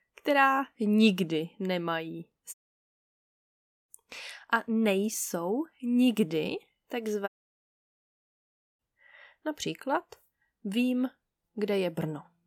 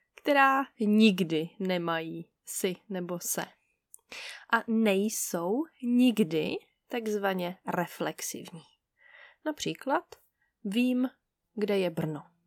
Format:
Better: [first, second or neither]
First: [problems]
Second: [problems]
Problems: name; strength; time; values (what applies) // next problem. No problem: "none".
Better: second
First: audio cutting out; at 2.5 s for 1.5 s and at 7.5 s for 1.5 s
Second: none